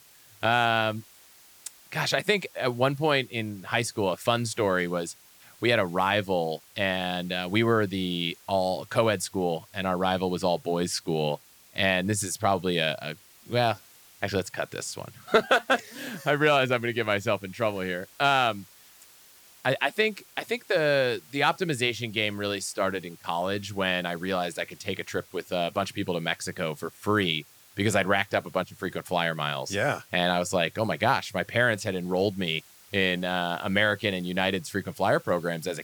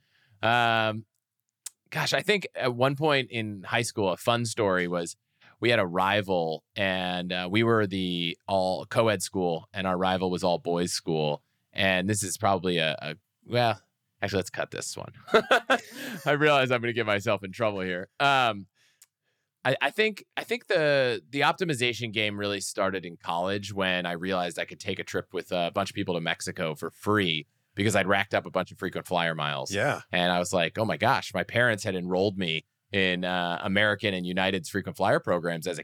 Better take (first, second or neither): second